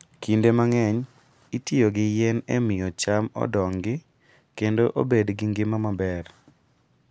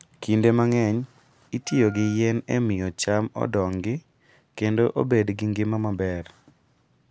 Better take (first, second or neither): first